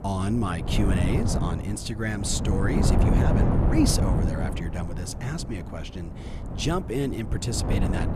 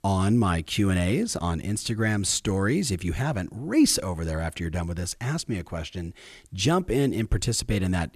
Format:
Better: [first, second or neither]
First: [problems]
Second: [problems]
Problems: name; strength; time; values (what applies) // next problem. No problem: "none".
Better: second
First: wind noise on the microphone; heavy; 3 dB below the speech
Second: none